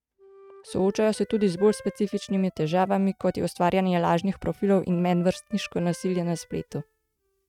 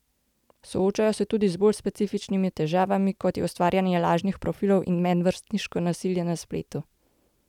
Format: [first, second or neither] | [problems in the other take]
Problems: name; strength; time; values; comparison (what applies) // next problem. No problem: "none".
second | noise reduction (neural mask model RNNoise)